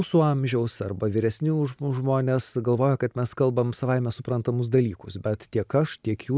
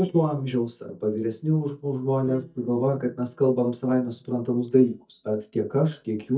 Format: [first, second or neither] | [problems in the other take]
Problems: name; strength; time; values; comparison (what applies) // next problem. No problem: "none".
first | noise reduction (neural mask model DeepFilterNet 3)